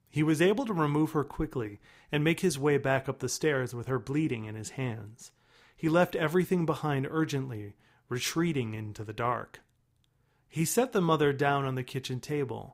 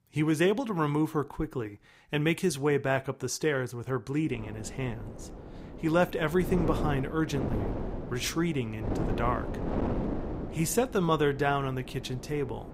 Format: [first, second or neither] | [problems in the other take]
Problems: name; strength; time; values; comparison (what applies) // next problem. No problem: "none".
first | wind noise on the microphone; heavy; from 4.5 s on; 10 dB below the speech